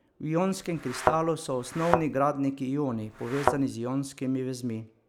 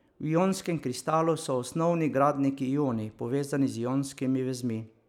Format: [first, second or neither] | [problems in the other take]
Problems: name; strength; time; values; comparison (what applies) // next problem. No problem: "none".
second | background sound (Thump, thud); 2 dB below the speech